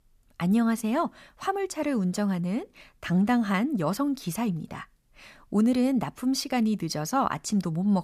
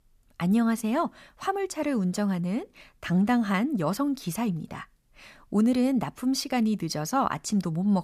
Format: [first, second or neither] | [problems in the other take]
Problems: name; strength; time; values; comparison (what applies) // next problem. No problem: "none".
neither | none